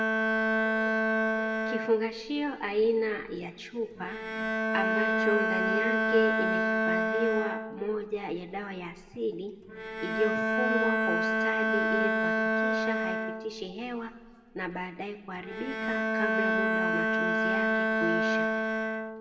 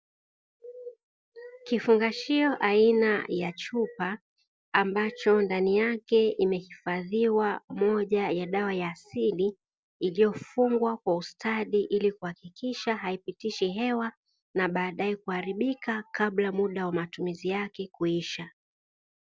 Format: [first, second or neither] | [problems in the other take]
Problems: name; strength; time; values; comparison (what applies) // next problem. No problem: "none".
second | background sound (Bowed string instrument); 5 dB above the speech // room echo; dies away in 1.3 s